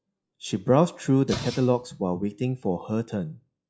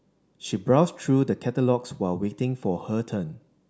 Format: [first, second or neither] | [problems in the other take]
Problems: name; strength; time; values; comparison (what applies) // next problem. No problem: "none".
second | noise reduction (classical method log-MMSE)